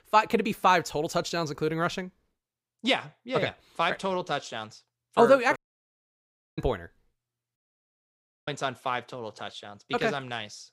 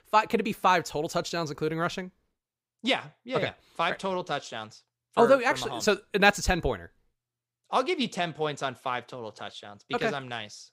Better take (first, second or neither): second